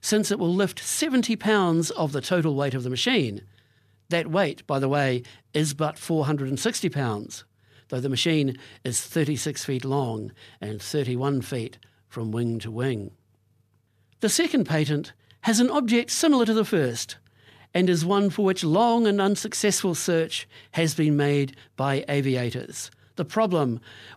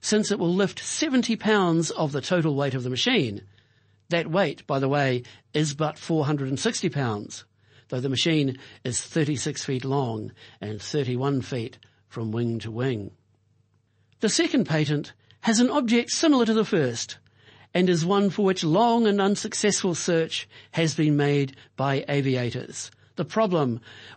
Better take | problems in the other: first | garbled, watery; slightly; nothing above 8 kHz

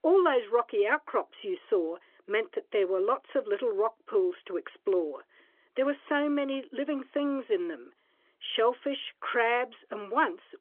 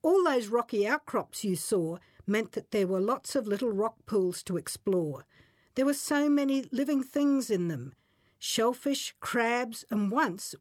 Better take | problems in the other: second | phone-call audio; nothing above 3.5 kHz

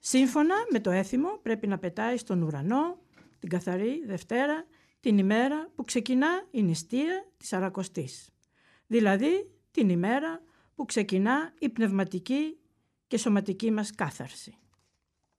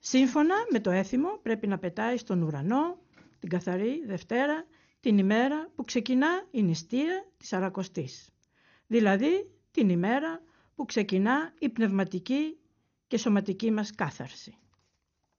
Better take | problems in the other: first | garbled, watery; slightly; nothing above 6.5 kHz

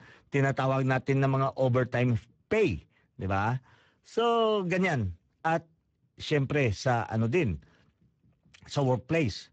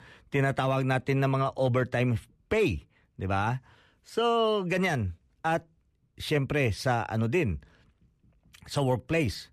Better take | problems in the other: second | garbled, watery; badly; nothing above 7.5 kHz

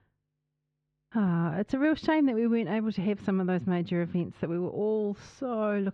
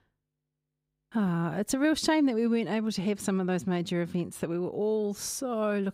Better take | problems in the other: second | muffled; very; fading above 3 kHz

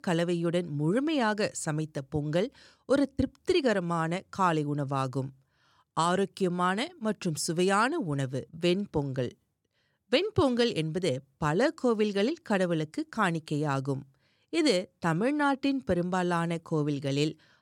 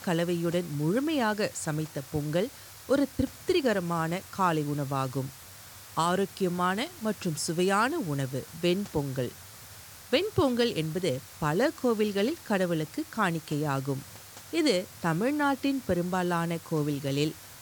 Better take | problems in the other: first | hiss; noticeable; throughout; 15 dB below the speech

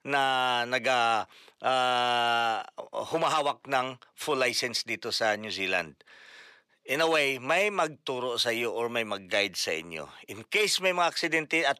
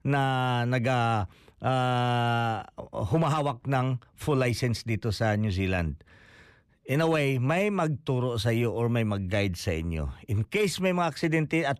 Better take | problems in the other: second | thin; very; fading below 500 Hz

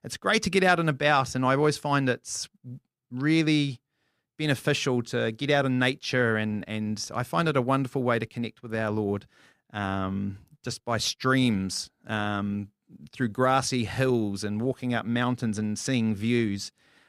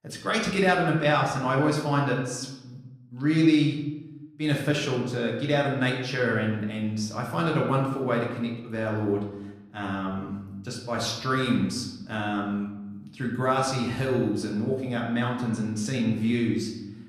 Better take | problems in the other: first | room echo; noticeable; dies away in 0.8 s // off-mic speech; far

